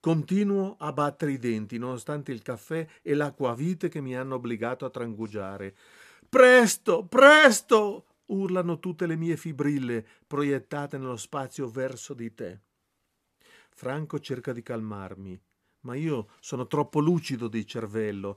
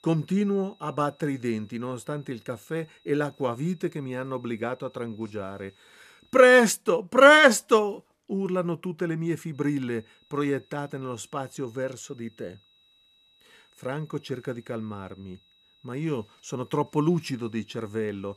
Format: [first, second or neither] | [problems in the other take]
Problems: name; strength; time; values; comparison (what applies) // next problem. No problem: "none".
first | high-pitched whine; faint; until 6.5 s and from 9.5 s on; 4 kHz, 35 dB below the speech